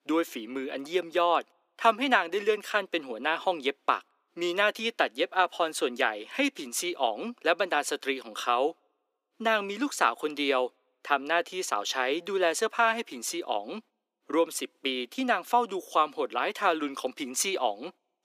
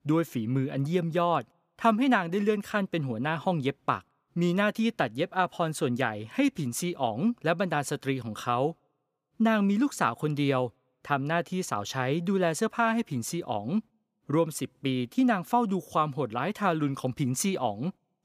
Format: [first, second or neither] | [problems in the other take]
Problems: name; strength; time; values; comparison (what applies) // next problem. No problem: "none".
second | thin; somewhat; fading below 300 Hz